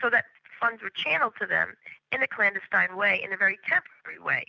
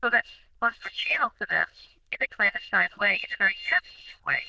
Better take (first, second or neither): first